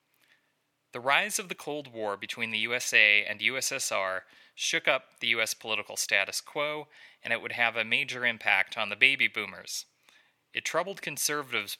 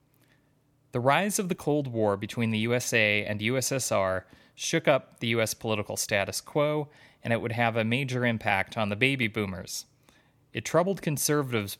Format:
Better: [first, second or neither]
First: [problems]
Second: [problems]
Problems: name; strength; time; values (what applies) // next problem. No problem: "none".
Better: second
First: thin; somewhat; fading below 800 Hz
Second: none